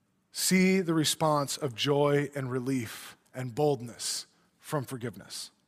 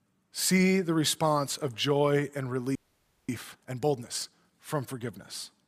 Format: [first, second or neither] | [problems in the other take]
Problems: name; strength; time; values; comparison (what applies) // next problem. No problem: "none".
first | audio freezing; at 3 s for 0.5 s